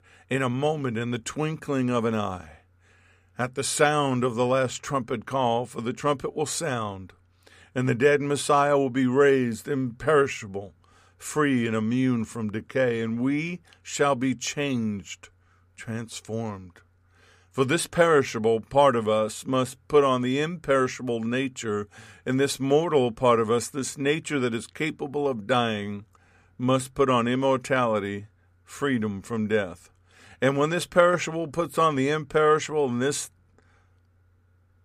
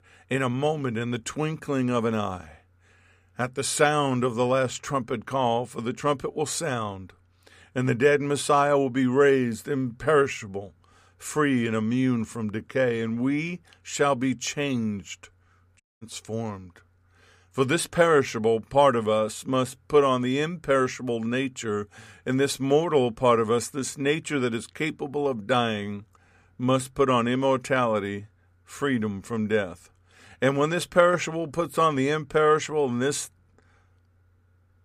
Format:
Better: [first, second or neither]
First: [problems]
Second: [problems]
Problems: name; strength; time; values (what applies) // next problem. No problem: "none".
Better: first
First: none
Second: audio cutting out; at 16 s